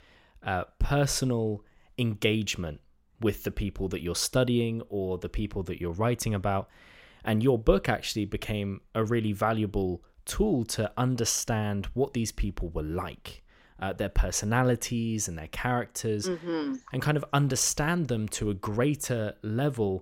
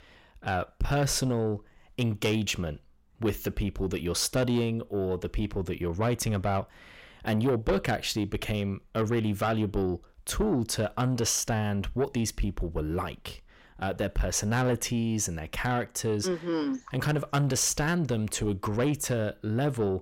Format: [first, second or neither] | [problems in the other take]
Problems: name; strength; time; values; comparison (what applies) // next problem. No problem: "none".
first | distortion; slight; 10 dB below the speech